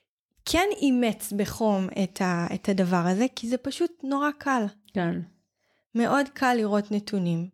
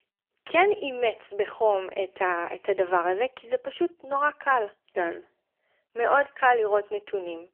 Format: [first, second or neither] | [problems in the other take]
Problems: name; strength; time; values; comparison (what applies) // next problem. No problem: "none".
first | phone-call audio; poor line; nothing above 3 kHz